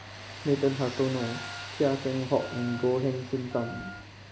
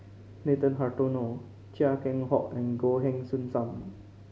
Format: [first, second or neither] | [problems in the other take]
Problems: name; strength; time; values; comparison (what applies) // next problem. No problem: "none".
second | background sound (Tools + Wind instrument, woodwind instrument); 12 dB below the speech